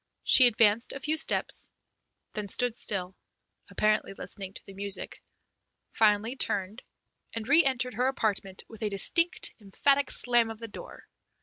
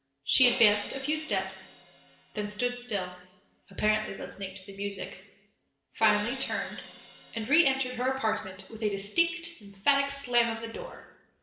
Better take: first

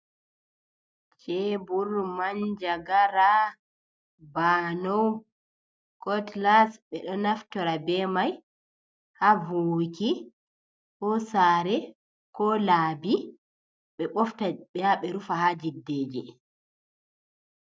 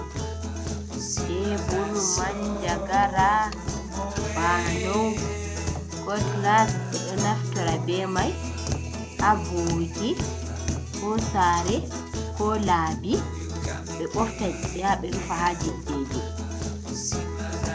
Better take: first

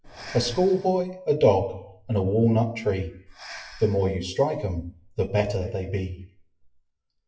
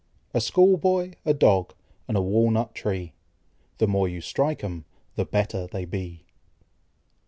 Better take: second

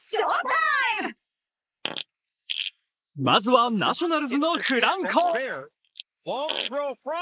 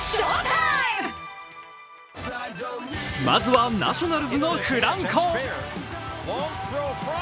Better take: second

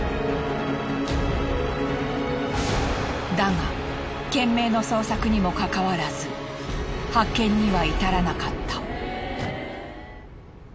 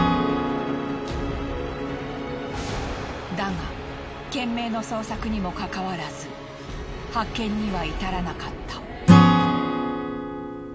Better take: first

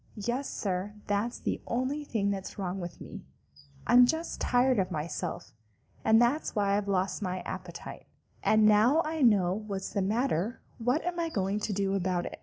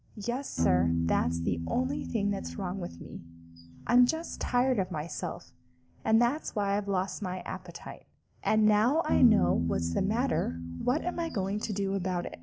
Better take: first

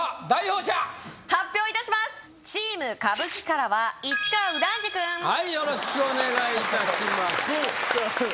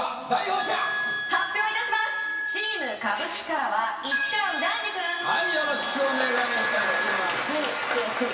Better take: first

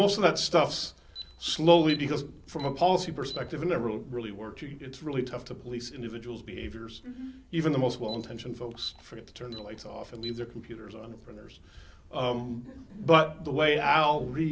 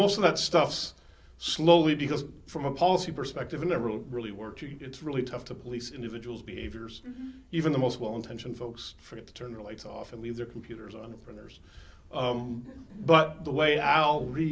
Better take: second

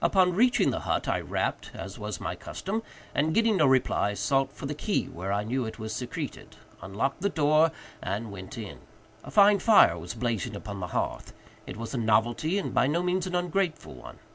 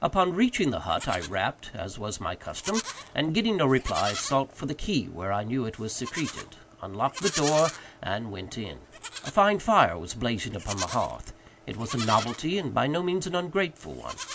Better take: first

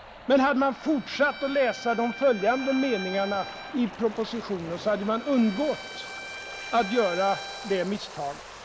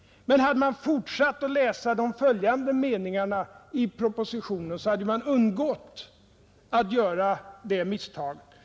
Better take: second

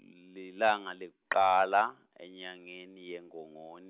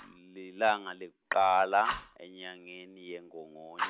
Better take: first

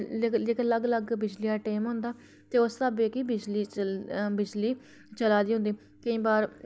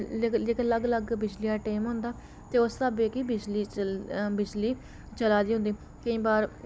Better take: first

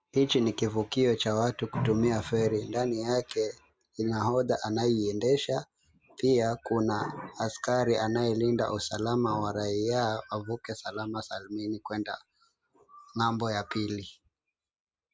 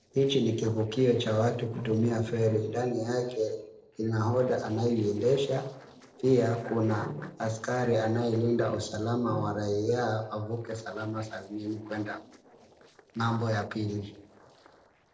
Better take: first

